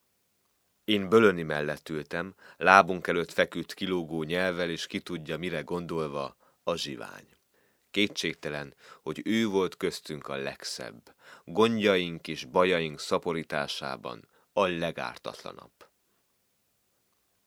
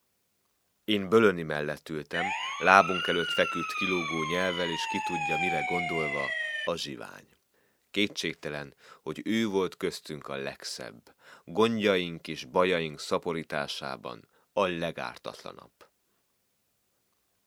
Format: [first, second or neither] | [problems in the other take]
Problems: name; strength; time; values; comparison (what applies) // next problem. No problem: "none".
first | siren; loud; from 2 to 6.5 s; peak 1 dB above the speech